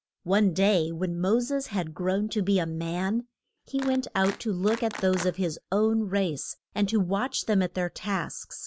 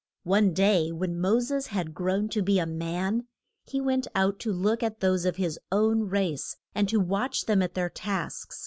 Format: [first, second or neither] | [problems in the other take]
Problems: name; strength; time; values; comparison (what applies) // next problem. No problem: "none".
second | background sound (Clapping); 14 dB below the speech